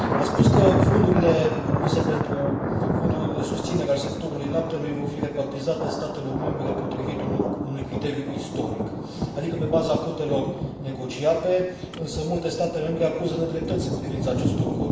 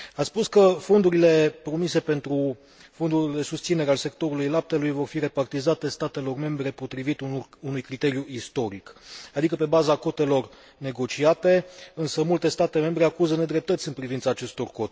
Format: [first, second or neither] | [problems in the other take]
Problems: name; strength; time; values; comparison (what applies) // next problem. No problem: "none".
second | background sound (Thunder); 1 dB above the speech // room echo; dies away in 1 s